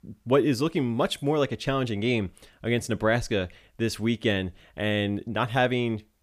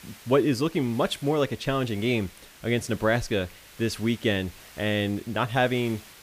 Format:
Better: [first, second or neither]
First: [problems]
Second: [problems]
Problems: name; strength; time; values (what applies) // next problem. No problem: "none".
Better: first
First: none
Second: hiss; faint; throughout; 20 dB below the speech